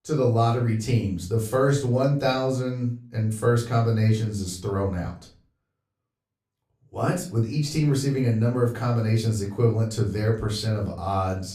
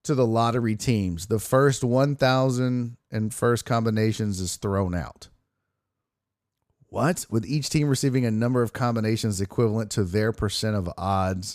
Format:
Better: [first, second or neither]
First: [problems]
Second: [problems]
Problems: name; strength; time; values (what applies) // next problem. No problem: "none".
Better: second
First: off-mic speech; far // room echo; very slight; dies away in 0.3 s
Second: none